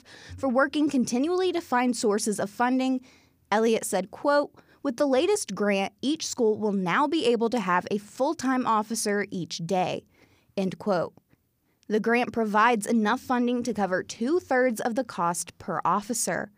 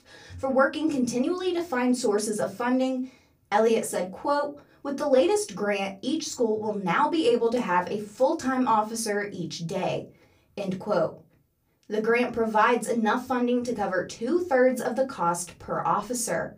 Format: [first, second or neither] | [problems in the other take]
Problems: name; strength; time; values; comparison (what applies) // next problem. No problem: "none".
first | off-mic speech; far // room echo; very slight; dies away in 0.2 s